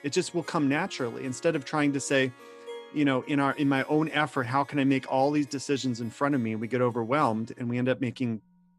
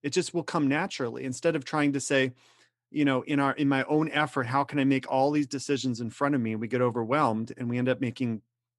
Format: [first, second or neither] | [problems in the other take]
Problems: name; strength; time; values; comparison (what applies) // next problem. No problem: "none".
second | background music; faint; throughout; 20 dB below the speech